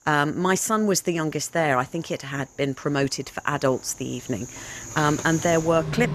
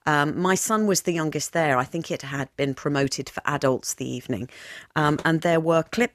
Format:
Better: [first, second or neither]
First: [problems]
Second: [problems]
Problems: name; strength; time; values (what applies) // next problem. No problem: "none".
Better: second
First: animal sounds; noticeable; throughout; 10 dB below the speech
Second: none